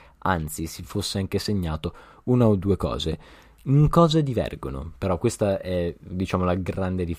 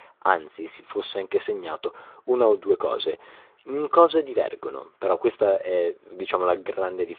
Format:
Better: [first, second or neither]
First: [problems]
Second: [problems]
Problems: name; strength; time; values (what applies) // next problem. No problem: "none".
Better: first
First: none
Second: phone-call audio